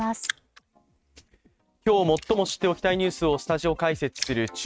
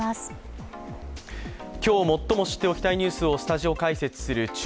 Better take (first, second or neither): second